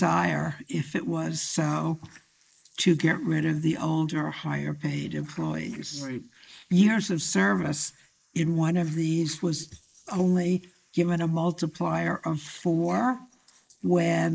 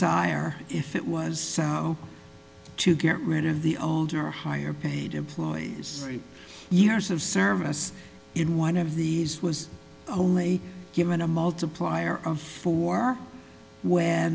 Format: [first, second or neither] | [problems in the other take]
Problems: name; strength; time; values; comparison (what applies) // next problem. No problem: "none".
second | noise reduction (neural mask model Resemble Enhance denoiser)